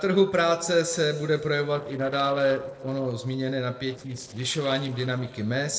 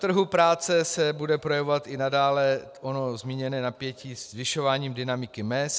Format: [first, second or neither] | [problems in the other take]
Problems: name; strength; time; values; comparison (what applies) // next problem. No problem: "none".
second | noise reduction (neural separator model SepFormer DNS4)